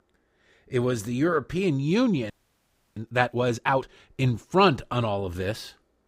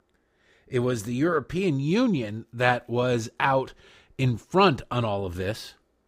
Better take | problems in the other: second | audio freezing; at 2.5 s for 0.5 s

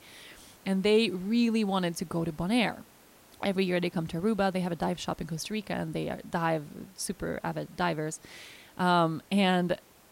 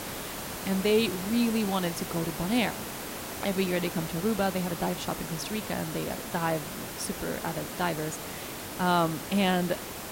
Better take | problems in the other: first | hiss; loud; throughout; 6 dB below the speech; faint in the first

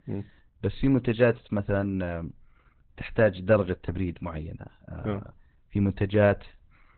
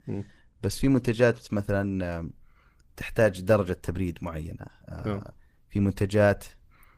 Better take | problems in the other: second | garbled, watery; badly; nothing above 4 kHz; slightly in the second

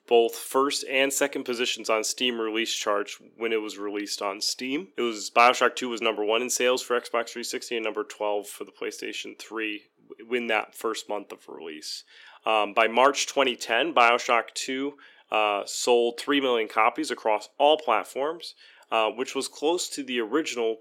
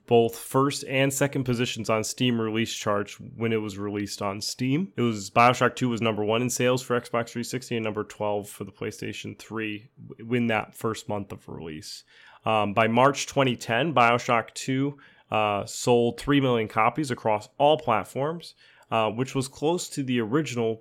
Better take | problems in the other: second | thin; somewhat; fading below 350 Hz

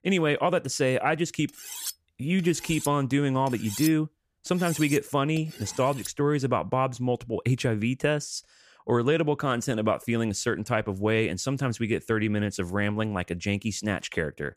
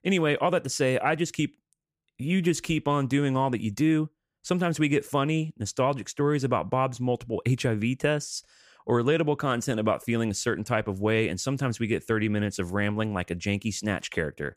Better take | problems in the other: second | clattering dishes; noticeable; from 1.5 to 6 s; peak 7 dB below the speech

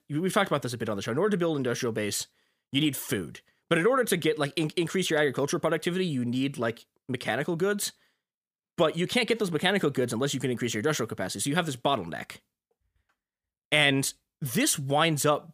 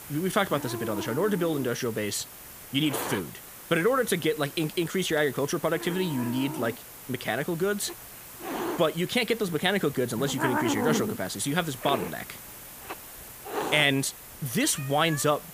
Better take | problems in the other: first | hiss; loud; throughout; 9 dB below the speech

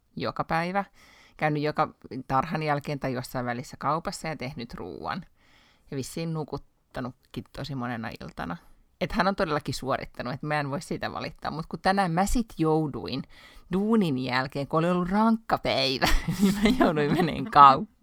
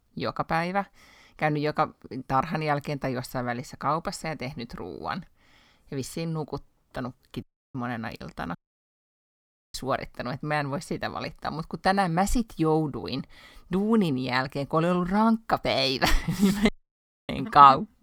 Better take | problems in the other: first | audio cutting out; at 7.5 s, at 8.5 s for 1 s and at 17 s for 0.5 s

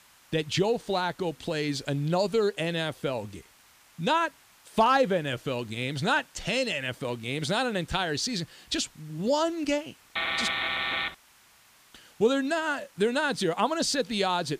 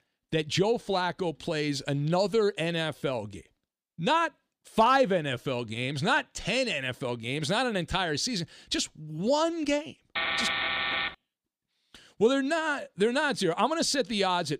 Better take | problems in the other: second | hiss; faint; throughout; 30 dB below the speech

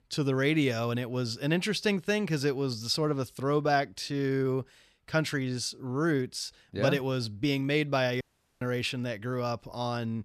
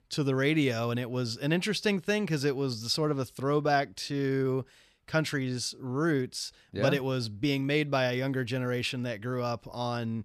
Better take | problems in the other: second | audio cutting out; at 8 s

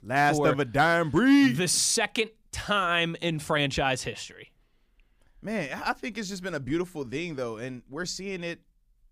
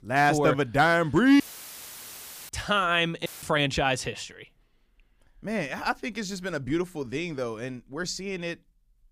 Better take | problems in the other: first | audio cutting out; filled with static; at 1.5 s for 1 s and at 3.5 s

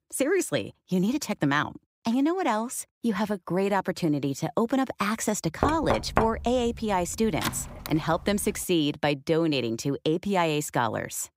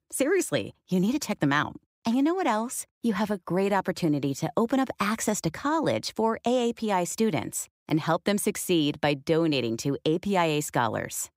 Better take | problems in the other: second | door banging; noticeable; from 5.5 to 8 s; peak level with the speech

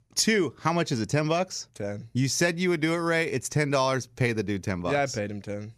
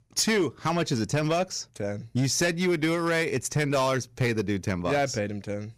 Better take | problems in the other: first | distortion; slight; 6% of the sound clipped

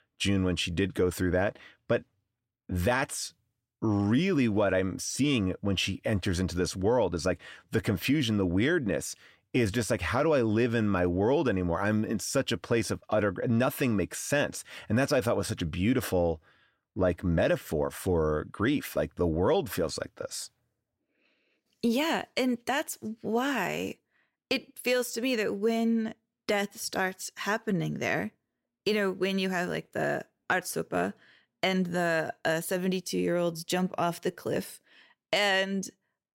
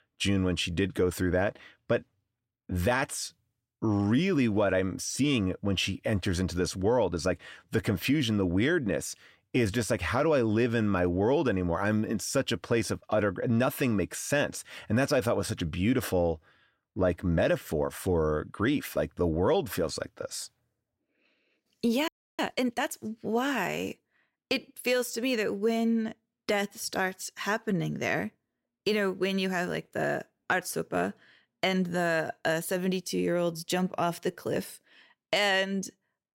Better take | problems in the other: first | audio freezing; at 22 s

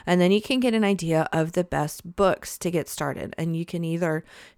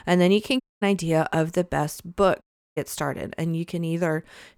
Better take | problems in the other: first | audio cutting out; at 0.5 s and at 2.5 s

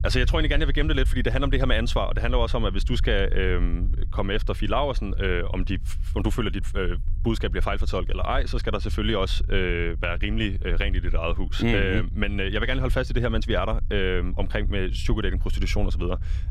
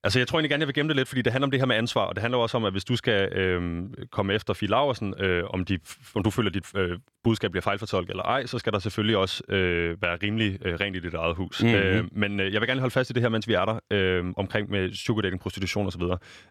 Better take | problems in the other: second | low rumble; faint; throughout; 20 dB below the speech

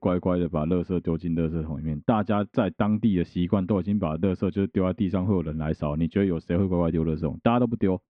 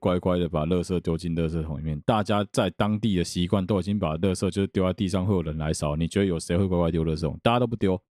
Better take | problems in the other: second | muffled; very; fading above 2.5 kHz

